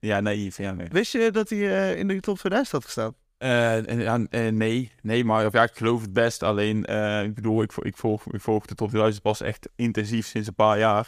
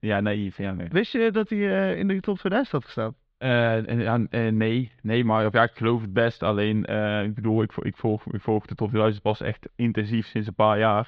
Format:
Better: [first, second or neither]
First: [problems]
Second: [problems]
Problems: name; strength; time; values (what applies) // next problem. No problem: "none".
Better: first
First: none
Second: muffled; slightly; fading above 4 kHz